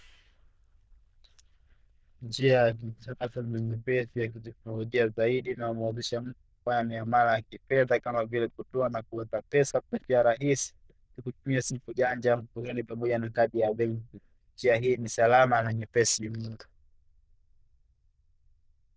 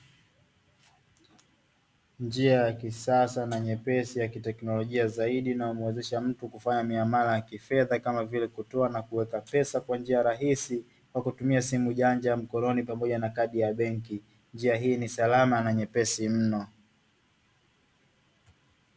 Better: second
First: noise reduction (neural diffusion model UNIVERSE++)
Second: none

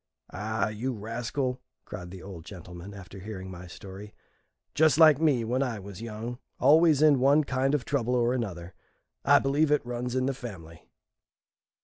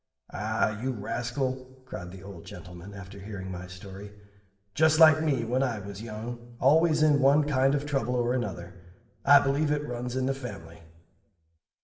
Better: first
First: none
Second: room echo; dies away in 0.8 s

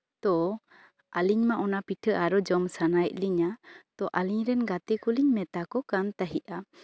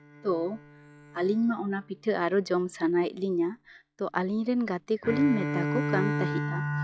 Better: first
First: none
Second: noise reduction (classical method log-MMSE)

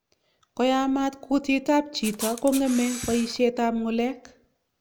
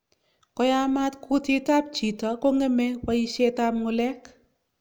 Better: second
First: background sound (Camera); 11 dB below the speech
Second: none

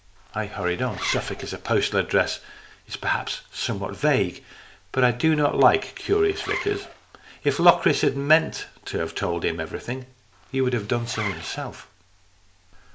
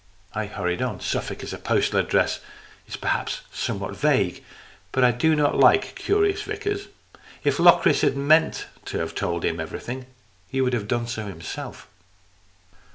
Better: second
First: background sound (Zipper (clothing)); 13 dB below the speech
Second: none

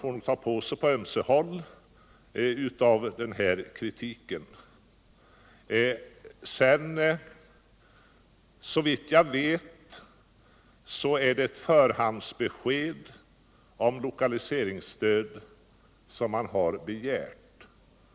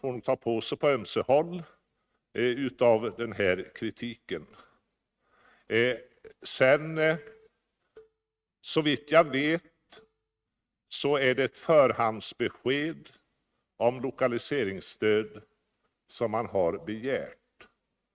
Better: first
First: none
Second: noise reduction (neural mask model RNNoise)

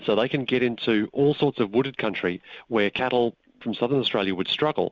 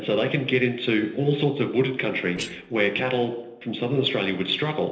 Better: first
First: none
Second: noise reduction (neural separator model SepFormer DNS4)

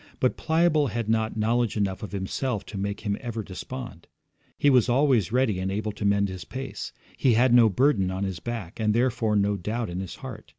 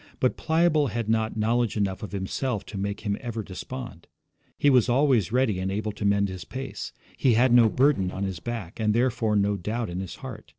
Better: first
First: none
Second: noise reduction (neural separator model SepFormer DNS4)

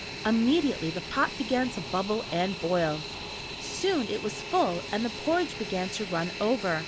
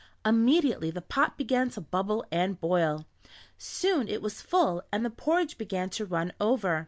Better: second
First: background sound (Fixed-wing aircraft, airplane); 9 dB below the speech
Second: none

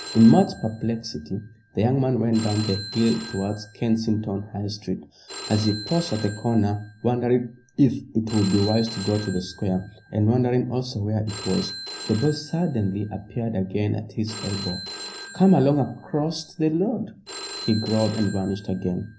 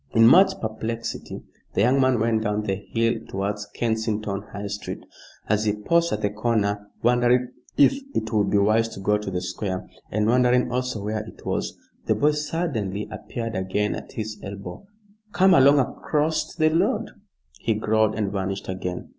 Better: second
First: background sound (Telephone); 15 dB below the speech // room echo; dies away in 0.5 s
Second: none

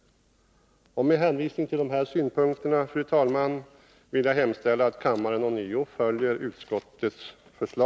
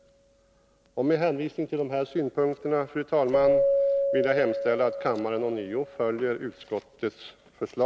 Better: first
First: none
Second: background sound (Keyboard (musical)); 2 dB below the speech

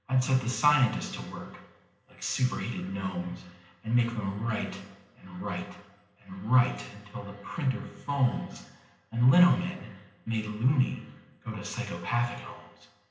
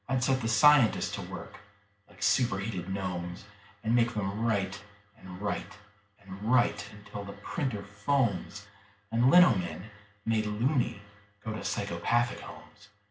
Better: second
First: room echo; dies away in 0.9 s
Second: none

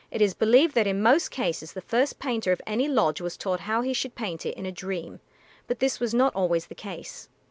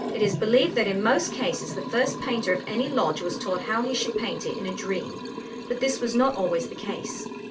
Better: first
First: none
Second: background sound (Liquid); 7 dB below the speech // room echo; dies away in 0.2 s

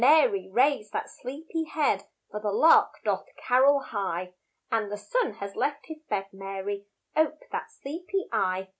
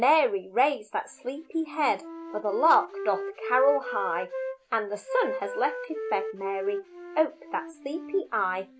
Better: first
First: none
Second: background sound (Wind instrument, woodwind instrument); 9 dB below the speech

